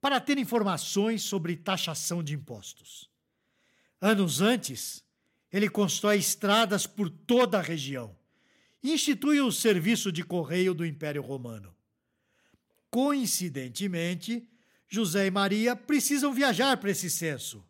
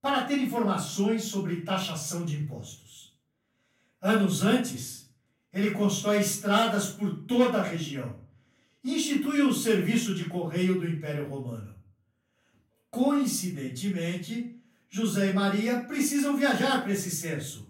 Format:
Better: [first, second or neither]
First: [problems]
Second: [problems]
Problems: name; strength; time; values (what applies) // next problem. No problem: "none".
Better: first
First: none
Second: off-mic speech; far // room echo; slight; dies away in 0.4 s